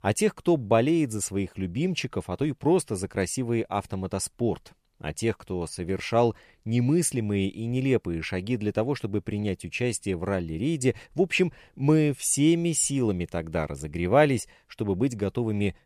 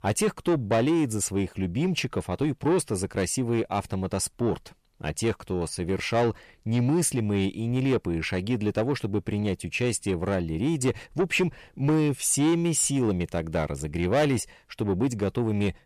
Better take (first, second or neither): first